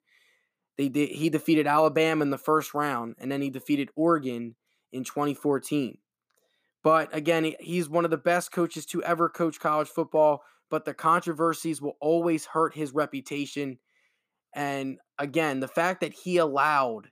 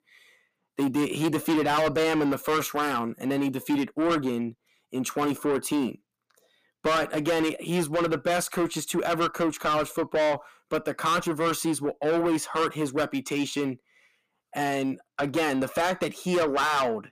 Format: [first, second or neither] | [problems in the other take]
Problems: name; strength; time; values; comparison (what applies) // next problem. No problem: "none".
first | distortion; heavy; 6 dB below the speech